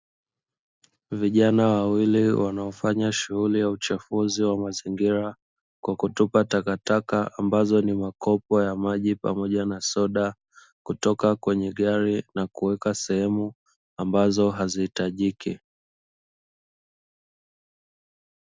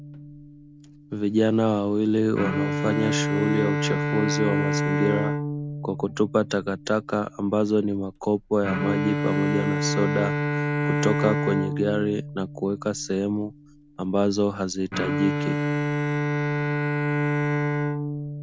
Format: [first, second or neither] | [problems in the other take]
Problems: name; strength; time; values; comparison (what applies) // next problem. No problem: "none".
first | background sound (Bowed string instrument); 1 dB below the speech